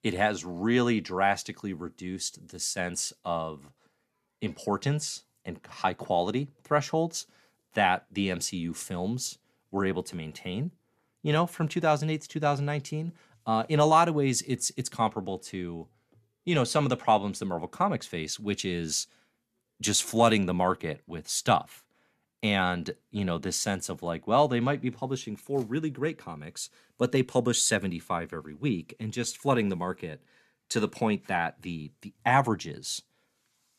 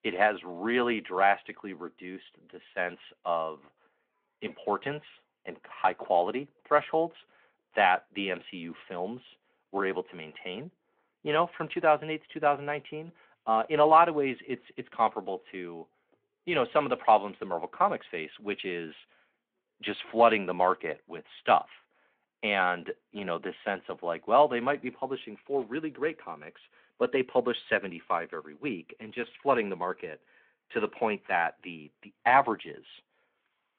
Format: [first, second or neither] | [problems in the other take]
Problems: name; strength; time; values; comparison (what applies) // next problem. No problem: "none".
first | phone-call audio